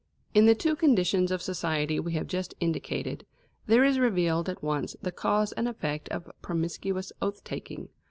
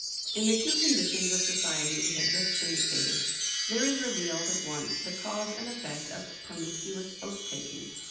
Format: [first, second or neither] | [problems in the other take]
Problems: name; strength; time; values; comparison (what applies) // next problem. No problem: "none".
first | background sound (Chime); 4 dB above the speech // room echo; dies away in 0.9 s